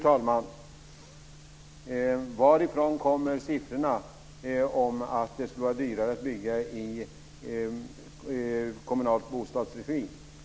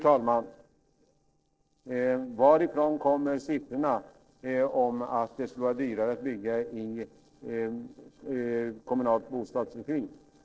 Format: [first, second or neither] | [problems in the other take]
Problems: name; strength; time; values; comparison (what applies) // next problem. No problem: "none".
first | noise reduction (neural separator model SepFormer DNS4)